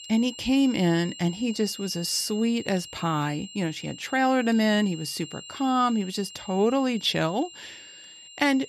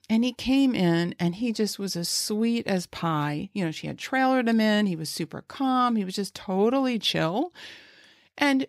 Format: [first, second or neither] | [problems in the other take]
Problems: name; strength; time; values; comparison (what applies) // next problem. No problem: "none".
second | high-pitched whine; noticeable; throughout; 3 kHz, 15 dB below the speech